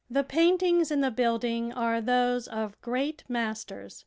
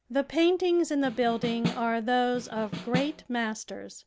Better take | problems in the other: first | background sound (Snare drum); 8 dB below the speech

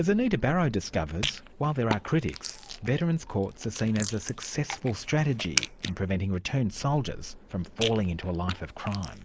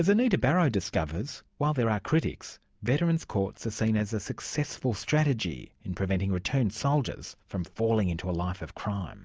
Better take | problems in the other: second | noise reduction (neural mask model Resemble Enhance denoiser)

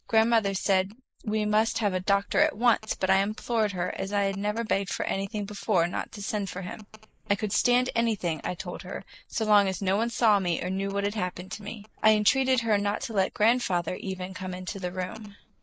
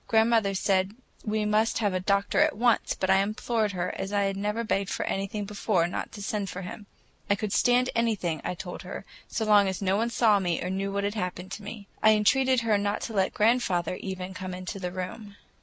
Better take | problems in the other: second | noise reduction (neural mask model Resemble Enhance denoiser)

